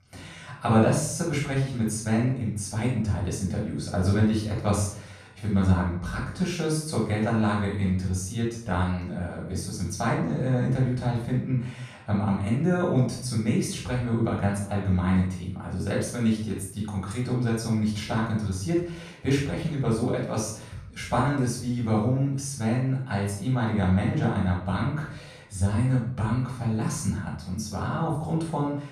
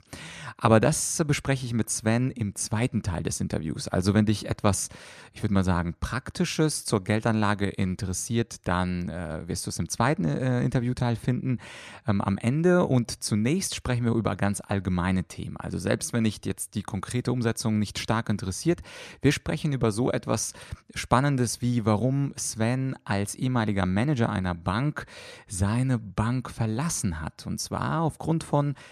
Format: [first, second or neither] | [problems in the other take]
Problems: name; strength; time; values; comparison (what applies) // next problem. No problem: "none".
second | off-mic speech; far // room echo; noticeable; dies away in 0.5 s